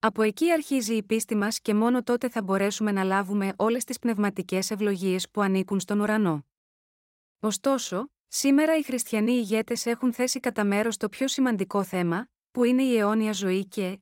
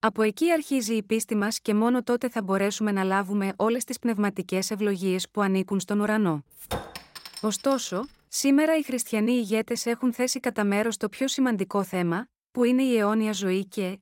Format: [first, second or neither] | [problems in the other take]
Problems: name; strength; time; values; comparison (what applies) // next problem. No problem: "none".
first | clattering dishes; noticeable; from 6.5 to 8 s; peak 8 dB below the speech